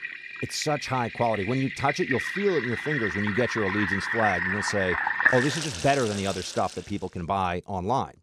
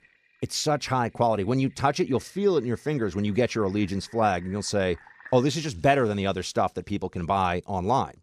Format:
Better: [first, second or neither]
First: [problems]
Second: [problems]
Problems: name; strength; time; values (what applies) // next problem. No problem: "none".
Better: second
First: household noises; loud; until 6.5 s; 1 dB below the speech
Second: household noises; faint; until 6.5 s; 25 dB below the speech